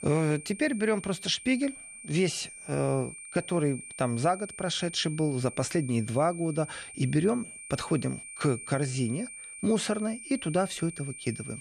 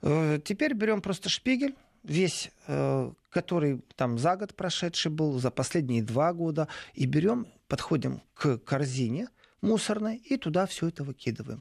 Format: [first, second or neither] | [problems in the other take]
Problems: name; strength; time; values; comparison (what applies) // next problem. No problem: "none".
second | high-pitched whine; noticeable; throughout; 9 kHz, 10 dB below the speech